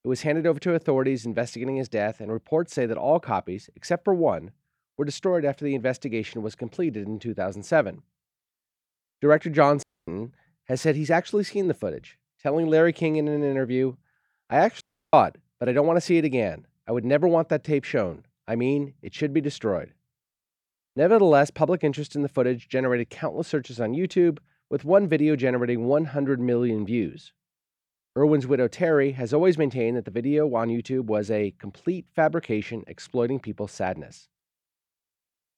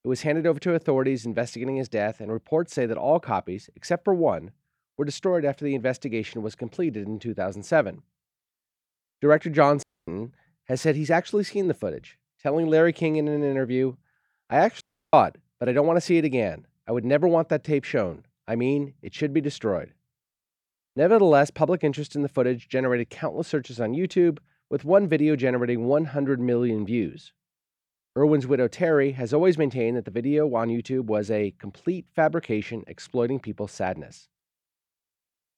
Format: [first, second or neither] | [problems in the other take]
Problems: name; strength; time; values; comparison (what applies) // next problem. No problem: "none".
neither | audio cutting out; at 10 s and at 15 s; the same in both